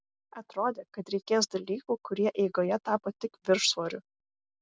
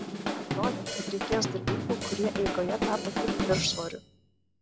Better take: first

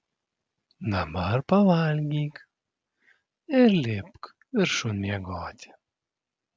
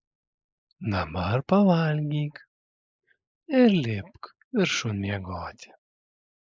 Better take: first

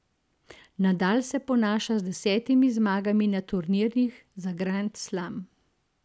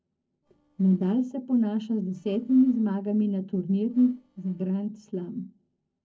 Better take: first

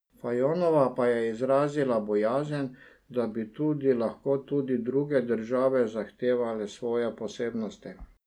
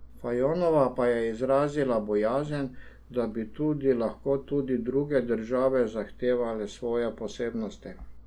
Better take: first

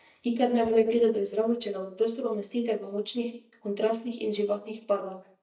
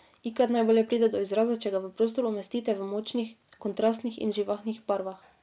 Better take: second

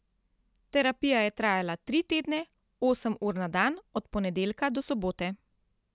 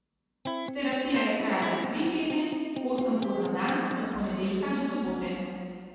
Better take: first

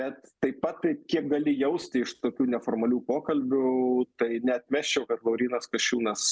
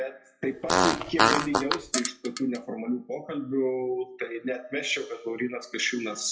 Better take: first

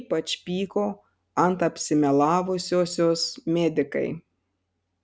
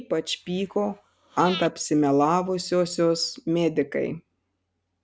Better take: first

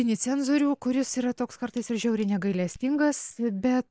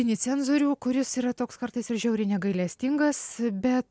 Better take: second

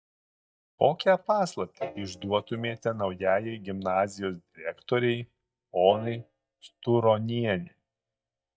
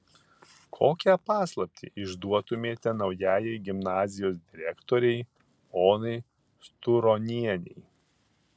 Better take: second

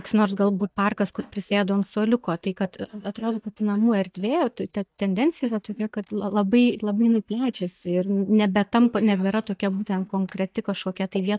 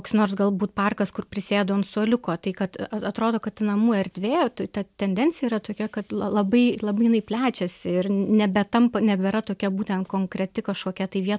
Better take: second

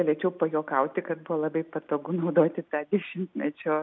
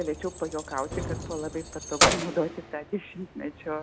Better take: first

